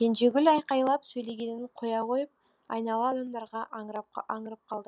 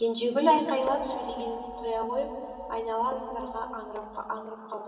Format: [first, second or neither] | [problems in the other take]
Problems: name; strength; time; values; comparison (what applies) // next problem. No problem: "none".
first | background sound (Doorbell); 16 dB below the speech // room echo; dies away in 2.8 s